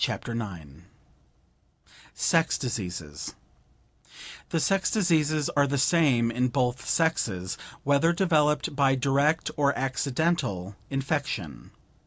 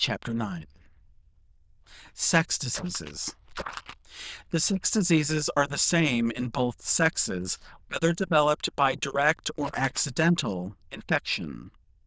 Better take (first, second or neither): first